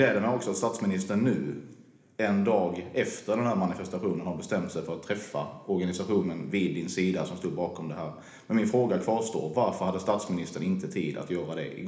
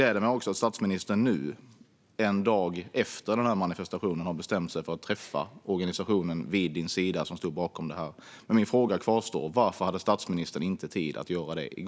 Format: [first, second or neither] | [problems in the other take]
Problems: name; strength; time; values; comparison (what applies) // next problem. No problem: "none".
second | room echo; dies away in 1 s